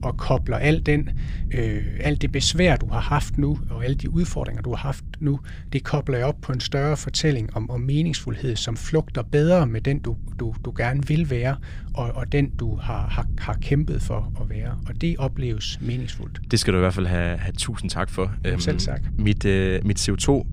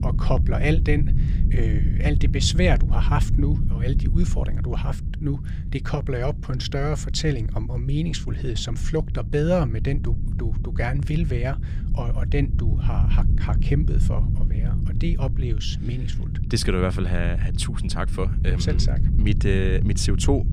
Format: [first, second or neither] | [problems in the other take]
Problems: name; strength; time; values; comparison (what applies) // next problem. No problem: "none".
first | low rumble; loud; throughout; 10 dB below the speech; faint in the first